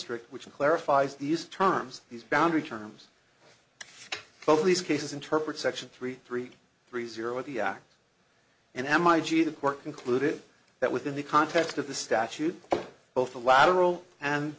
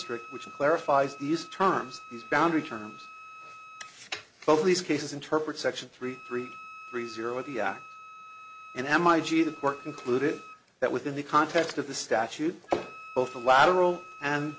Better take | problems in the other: first | background sound (Wind instrument, woodwind instrument); 19 dB below the speech

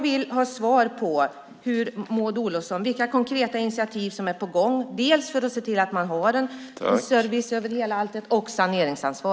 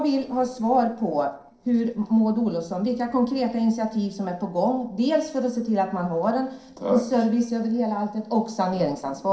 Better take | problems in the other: first | noise reduction (neural separator model SepFormer DNS4)

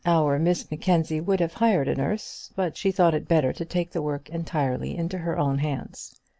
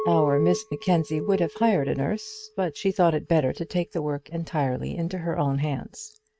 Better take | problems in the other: first | noise reduction (neural mask model RNNoise)

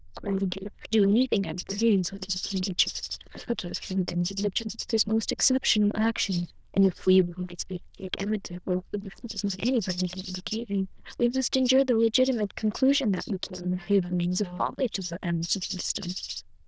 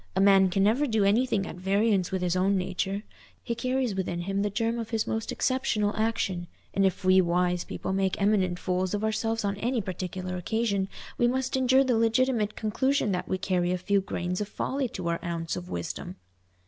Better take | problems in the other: second | noise reduction (neural diffusion model UNIVERSE++)

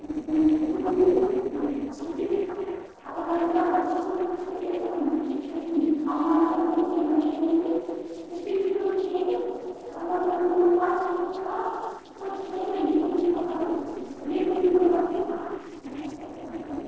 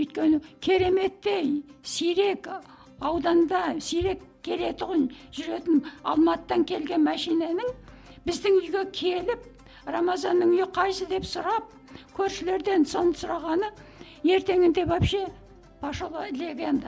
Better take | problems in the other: second | noise reduction (neural separator model SepFormer DNS4)

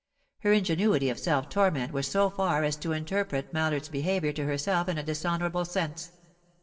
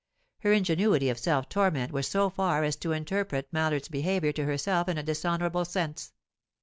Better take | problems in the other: second | room echo; dies away in 0.7 s

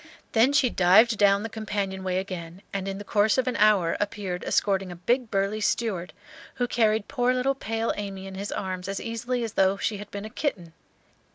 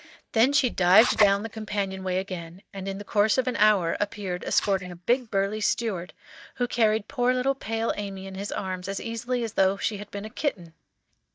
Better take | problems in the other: first | noise reduction (neural mask model DeepFilterNet 3)

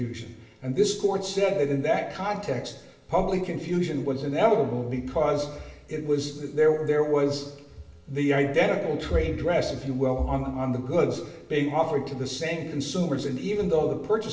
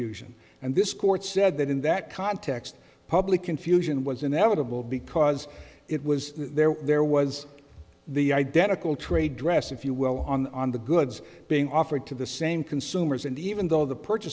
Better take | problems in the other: second | room echo; dies away in 0.9 s

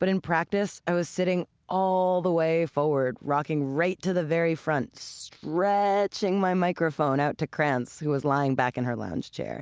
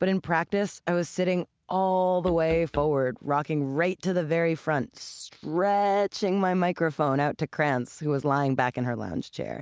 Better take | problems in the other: first | noise reduction (neural mask model RNNoise)

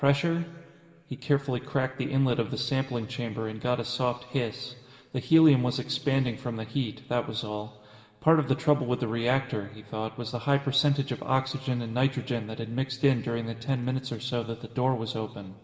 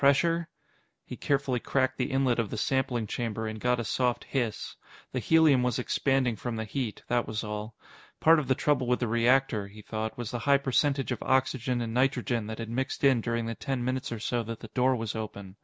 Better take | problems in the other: second | room echo; dies away in 1.9 s

